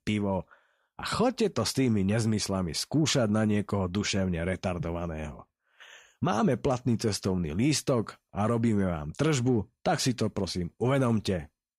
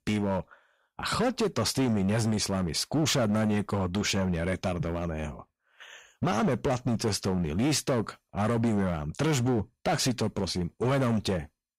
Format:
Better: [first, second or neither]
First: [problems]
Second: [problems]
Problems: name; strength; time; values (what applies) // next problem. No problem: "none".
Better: first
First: none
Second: distortion; slight; 12% of the sound clipped